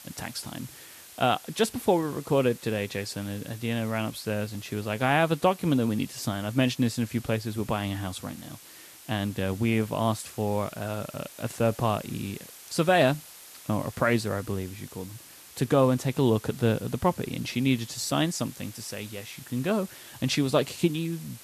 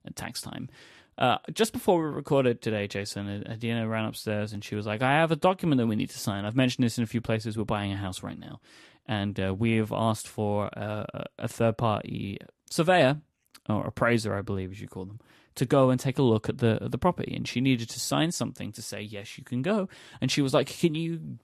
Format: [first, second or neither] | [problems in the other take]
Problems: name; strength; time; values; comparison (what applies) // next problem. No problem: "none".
second | hiss; noticeable; throughout; 20 dB below the speech